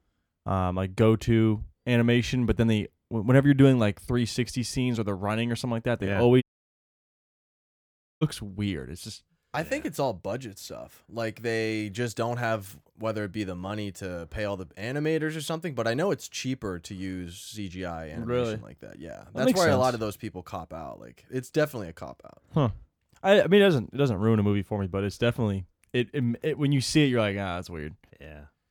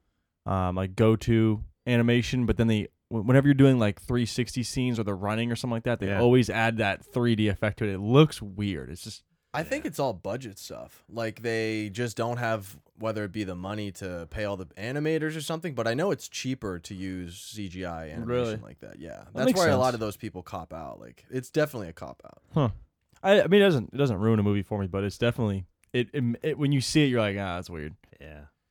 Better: second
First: audio cutting out; at 6.5 s for 2 s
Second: none

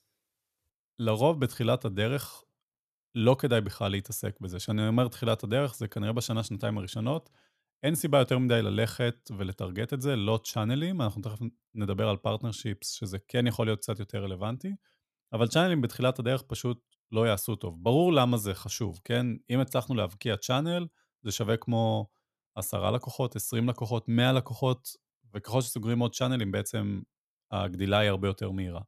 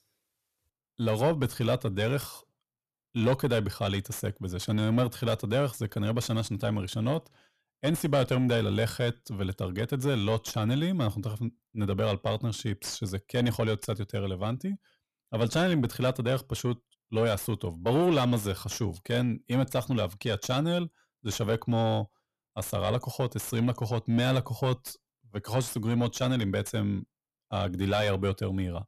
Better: first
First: none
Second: distortion; slight; 10 dB below the speech

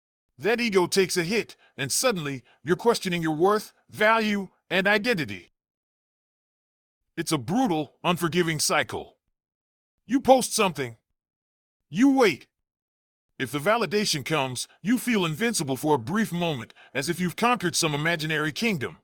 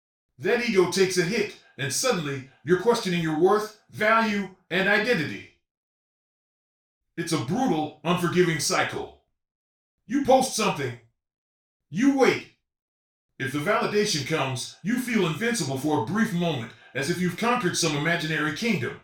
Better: first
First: none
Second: room echo; noticeable; dies away in 0.3 s // off-mic speech; far

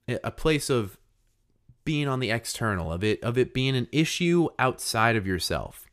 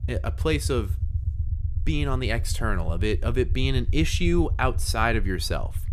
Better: first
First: none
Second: low rumble; noticeable; throughout; 20 dB below the speech

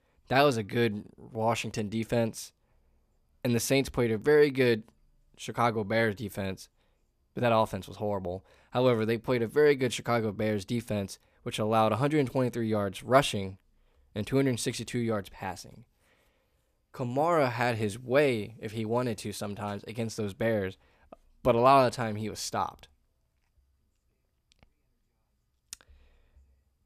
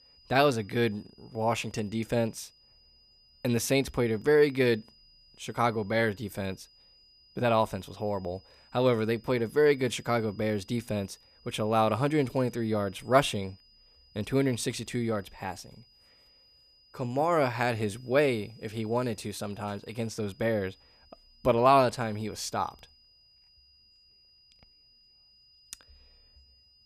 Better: first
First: none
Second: high-pitched whine; faint; throughout; 5 kHz, 30 dB below the speech

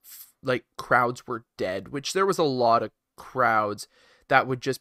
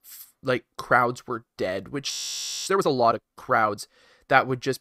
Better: first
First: none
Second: audio freezing; at 2 s for 0.5 s

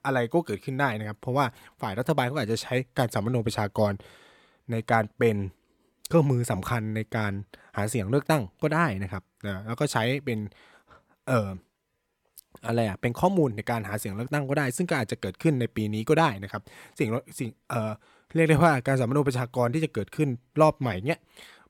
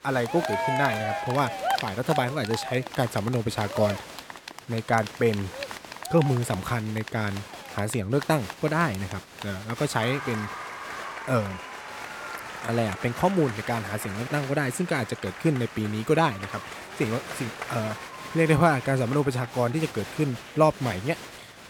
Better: first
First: none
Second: crowd noise; loud; throughout; 8 dB below the speech

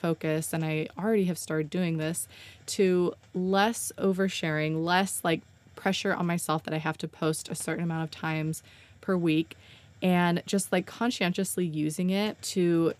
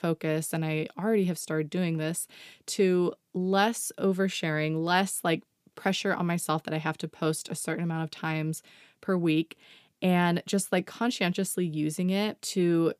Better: second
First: hiss; faint; throughout; 30 dB below the speech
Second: none

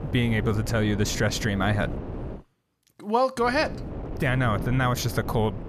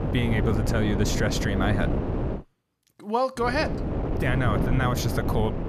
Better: first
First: wind noise on the microphone; occasional gusts; until 2.5 s and from 3.5 s on; 15 dB below the speech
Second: wind noise on the microphone; heavy; until 2.5 s and from 3.5 s on; 5 dB below the speech

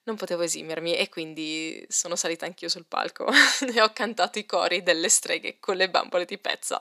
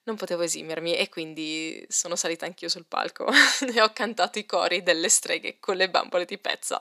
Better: neither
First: thin; somewhat; fading below 550 Hz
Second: thin; somewhat; fading below 550 Hz

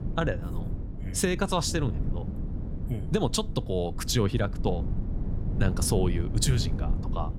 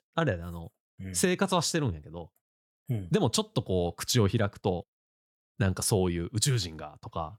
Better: second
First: low rumble; noticeable; throughout; 15 dB below the speech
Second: none

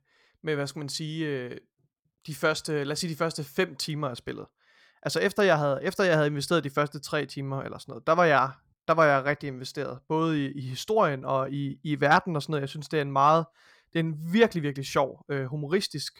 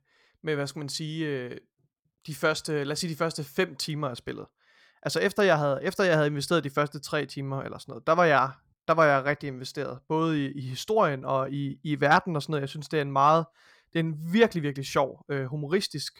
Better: neither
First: none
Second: none

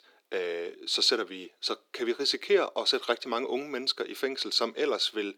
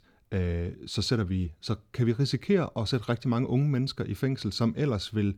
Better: second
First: thin; very; fading below 350 Hz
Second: none

